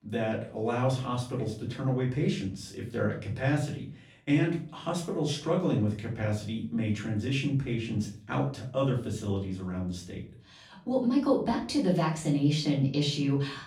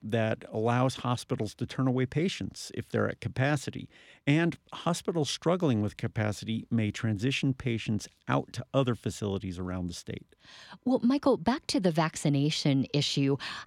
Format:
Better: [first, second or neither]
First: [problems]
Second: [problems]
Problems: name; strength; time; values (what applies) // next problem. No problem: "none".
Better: second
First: off-mic speech; far // room echo; slight; dies away in 0.4 s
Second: none